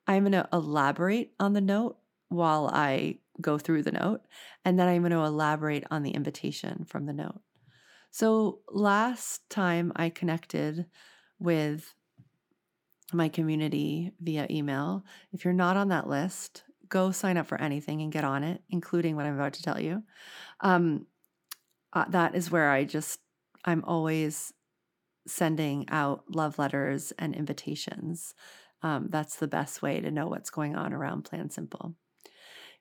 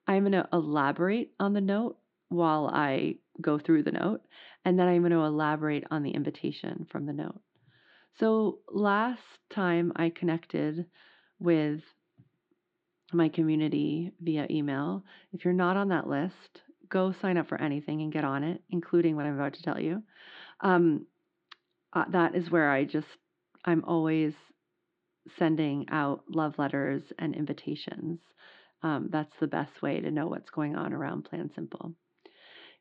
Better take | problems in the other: first | muffled; slightly; fading above 4 kHz

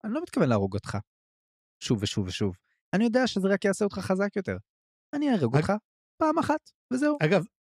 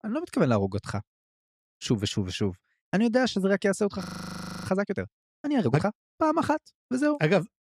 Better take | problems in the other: first | audio freezing; at 4 s for 0.5 s

